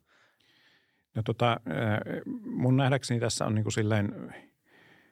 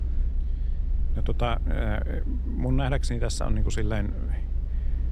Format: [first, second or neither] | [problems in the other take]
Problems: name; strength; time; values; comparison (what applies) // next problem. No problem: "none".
first | low rumble; noticeable; throughout; 15 dB below the speech